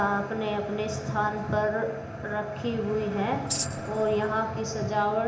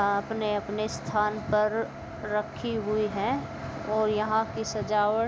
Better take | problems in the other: second | background sound (Tambourine); 10 dB below the speech // room echo; dies away in 0.8 s

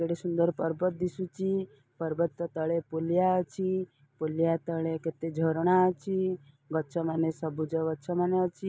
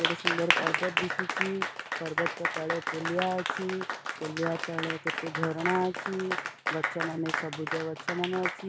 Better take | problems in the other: first | background sound (Applause); 1 dB above the speech

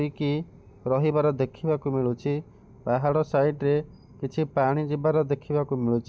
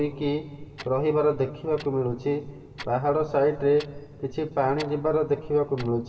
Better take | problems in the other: first | background sound (Clock); 19 dB below the speech // room echo; dies away in 2.1 s

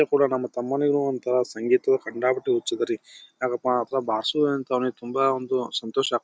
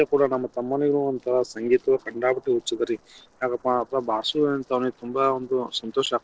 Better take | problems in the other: first | noise reduction (neural separator model SepFormer DNS4)

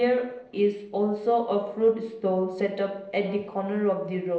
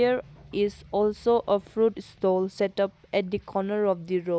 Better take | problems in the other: second | noise reduction (neural separator model SepFormer DNS4)

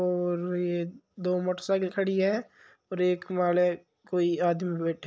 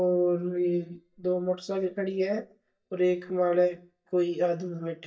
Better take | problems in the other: first | noise reduction (neural mask model DeepFilterNet 3)

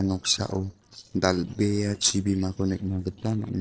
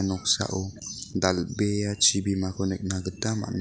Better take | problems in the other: second | noise reduction (neural separator model SepFormer DNS4)

